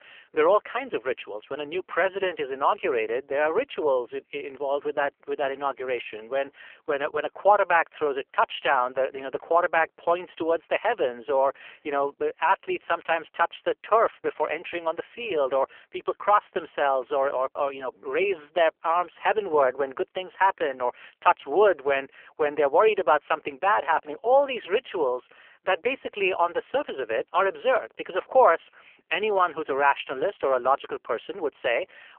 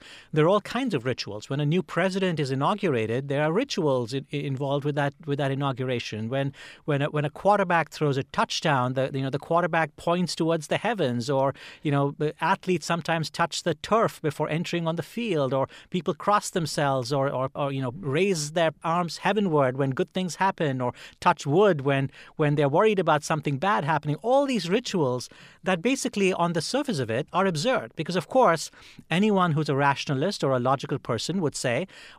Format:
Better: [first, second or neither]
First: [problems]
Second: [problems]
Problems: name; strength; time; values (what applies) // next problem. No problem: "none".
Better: second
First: phone-call audio; poor line; nothing above 3 kHz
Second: none